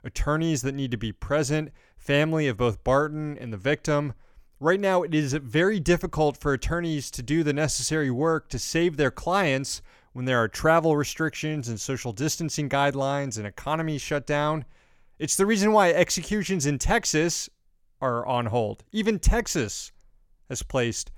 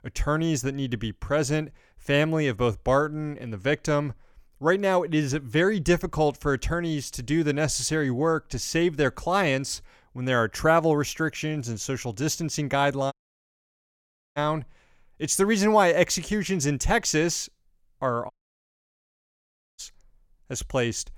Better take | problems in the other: first | audio cutting out; at 13 s for 1 s and at 18 s for 1.5 s

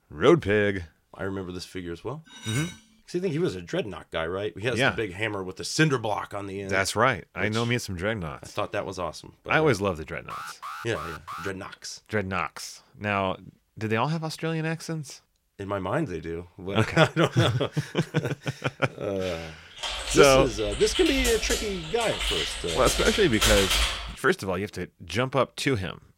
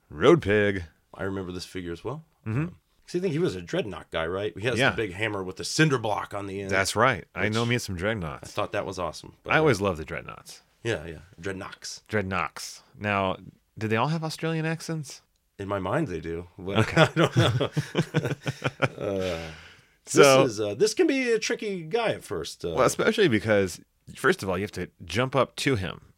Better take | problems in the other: second | clattering dishes; noticeable; at 2.5 s; peak 8 dB below the speech // alarm; faint; from 10 to 12 s; peak 10 dB below the speech // keyboard typing; loud; from 20 to 24 s; peak 5 dB above the speech

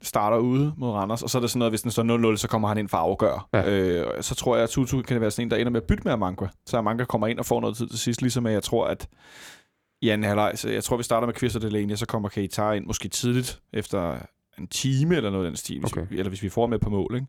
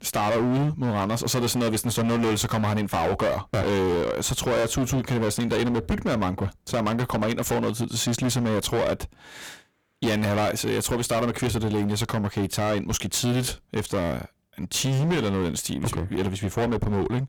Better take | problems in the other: first | distortion; heavy; 24% of the sound clipped

